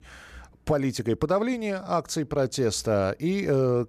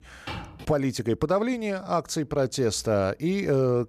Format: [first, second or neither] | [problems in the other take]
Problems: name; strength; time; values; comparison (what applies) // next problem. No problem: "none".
first | footsteps; faint; at 0.5 s; peak 10 dB below the speech